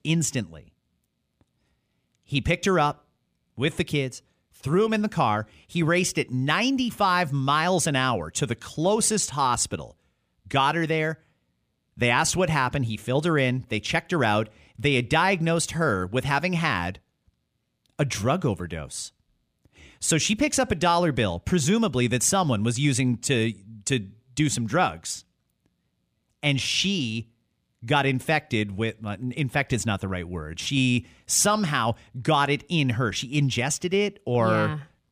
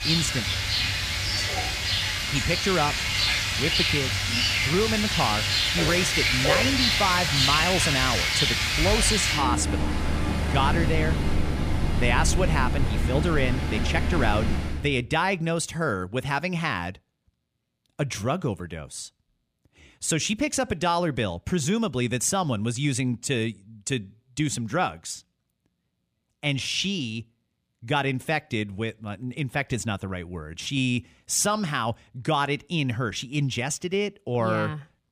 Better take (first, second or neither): first